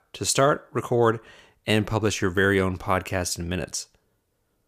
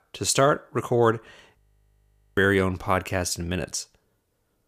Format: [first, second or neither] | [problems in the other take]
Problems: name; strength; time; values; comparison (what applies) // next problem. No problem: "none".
first | audio freezing; at 1.5 s for 1 s